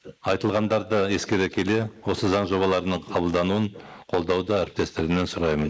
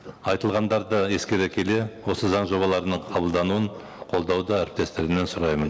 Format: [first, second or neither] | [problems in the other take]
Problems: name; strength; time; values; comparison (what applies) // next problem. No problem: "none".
second | noise reduction (neural mask model Resemble Enhance denoiser)